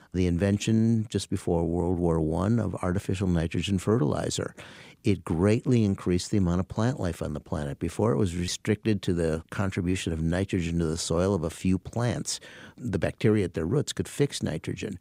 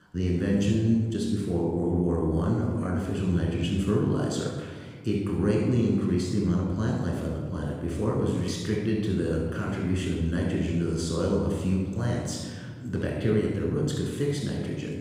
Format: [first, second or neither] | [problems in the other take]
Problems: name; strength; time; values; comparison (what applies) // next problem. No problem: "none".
first | off-mic speech; somewhat distant // room echo; noticeable; dies away in 1.3 s